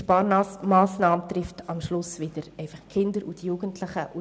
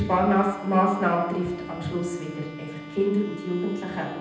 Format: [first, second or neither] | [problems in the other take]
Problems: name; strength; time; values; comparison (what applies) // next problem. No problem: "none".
first | background sound (Bowed string instrument); 15 dB below the speech // room echo; dies away in 0.9 s